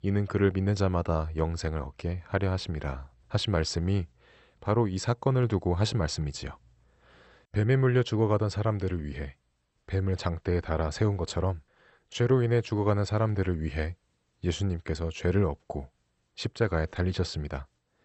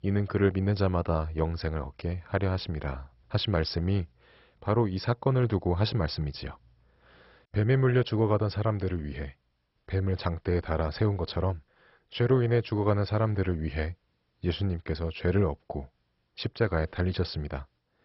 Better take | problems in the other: first | garbled, watery; badly; nothing above 5.5 kHz; slightly in the first

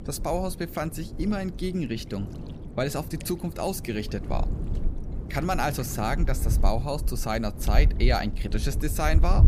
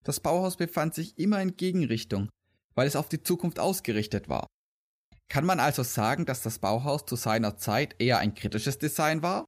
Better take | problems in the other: second | wind noise on the microphone; occasional gusts; 15 dB below the speech

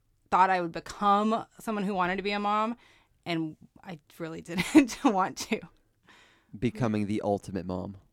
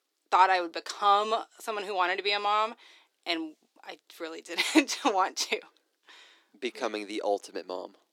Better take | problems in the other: first | thin; somewhat; fading below 350 Hz

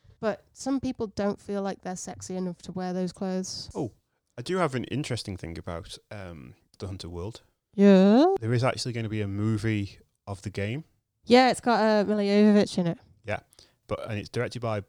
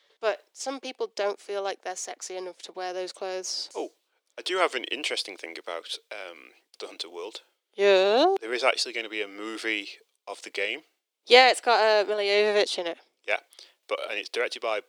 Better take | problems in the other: first | thin; very; fading below 350 Hz

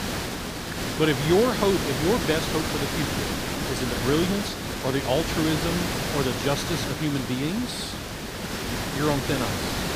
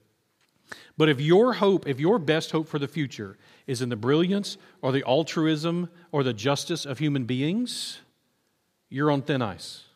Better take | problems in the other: second | hiss; loud; throughout; 2 dB below the speech

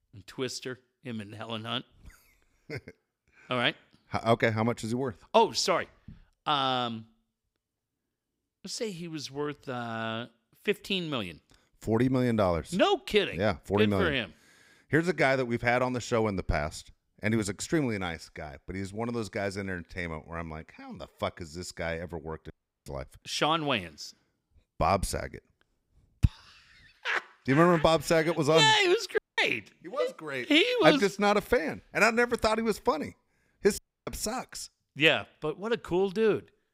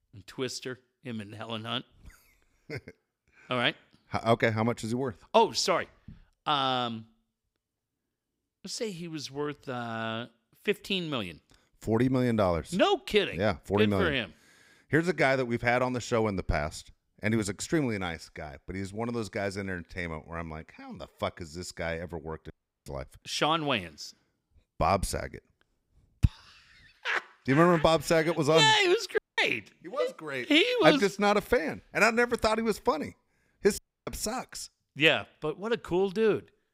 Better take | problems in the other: neither | audio cutting out; at 23 s, at 29 s and at 34 s; the same in both

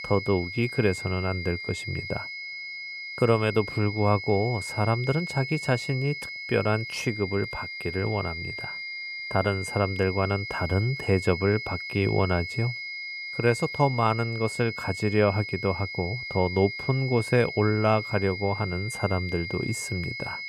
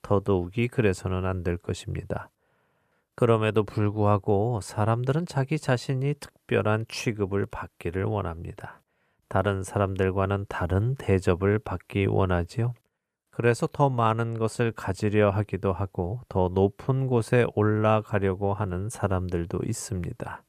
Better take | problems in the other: second | high-pitched whine; loud; throughout; 2 kHz, 7 dB below the speech

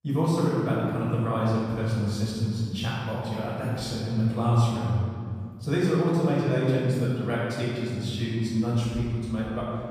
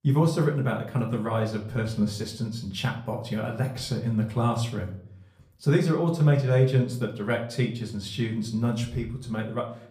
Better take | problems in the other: second | room echo; strong; dies away in 2.2 s; slight in the second // off-mic speech; far; far in the second

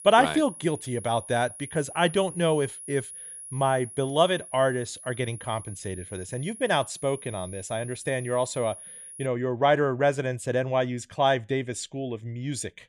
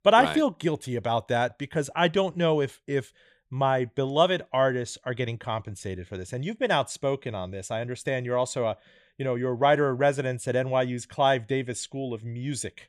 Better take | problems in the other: second | high-pitched whine; noticeable; until 9.5 s; 10.5 kHz, 15 dB below the speech

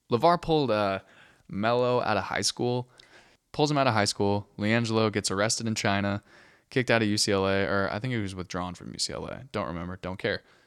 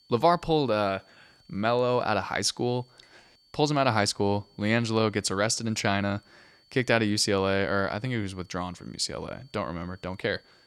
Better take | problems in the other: first | high-pitched whine; faint; throughout; 4.5 kHz, 35 dB below the speech

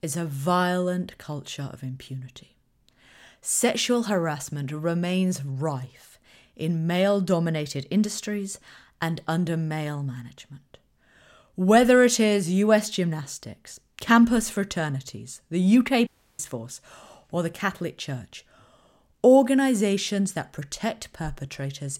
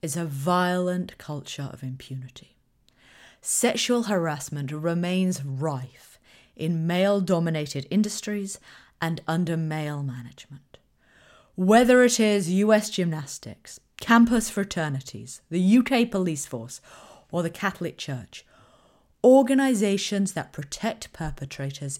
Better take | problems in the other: second | audio cutting out; at 16 s

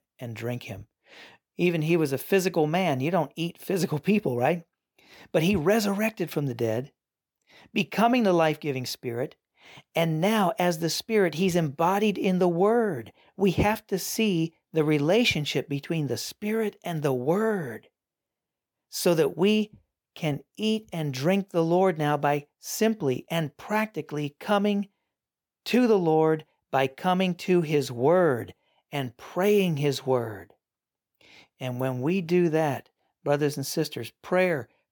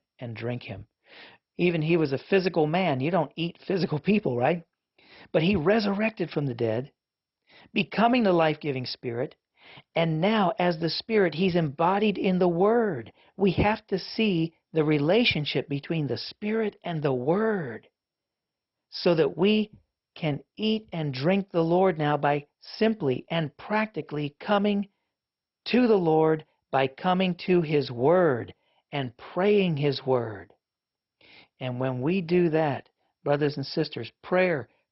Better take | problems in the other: first | garbled, watery; badly; nothing above 5.5 kHz

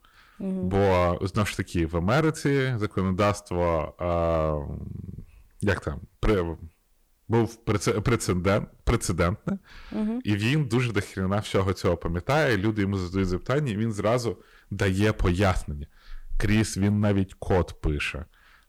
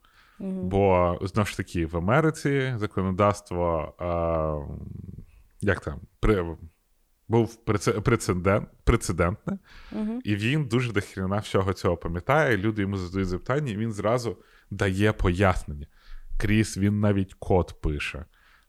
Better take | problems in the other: second | distortion; slight; 6% of the sound clipped

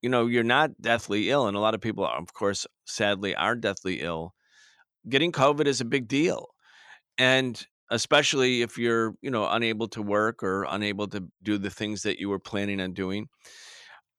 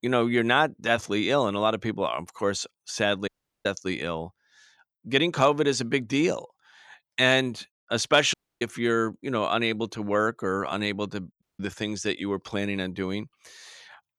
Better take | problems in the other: first | audio cutting out; at 3.5 s, at 8.5 s and at 11 s

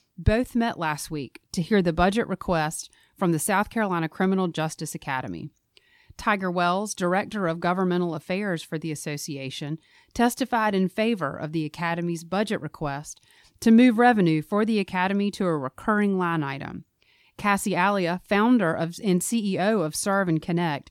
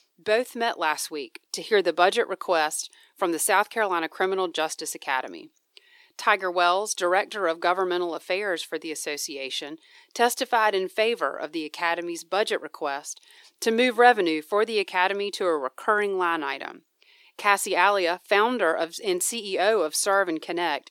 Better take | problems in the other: first | thin; very; fading below 400 Hz

